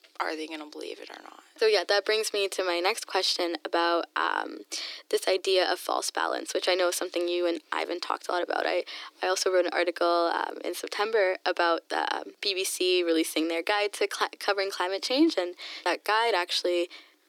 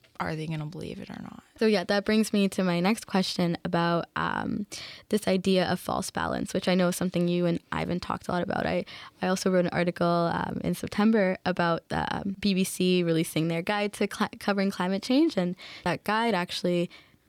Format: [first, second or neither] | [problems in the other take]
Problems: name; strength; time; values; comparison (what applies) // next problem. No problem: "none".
second | thin; very; fading below 300 Hz